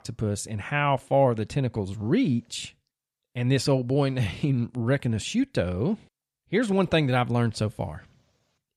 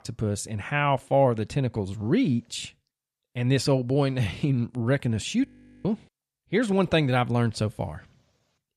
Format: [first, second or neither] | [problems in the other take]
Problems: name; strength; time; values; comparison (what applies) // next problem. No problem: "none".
first | audio freezing; at 5.5 s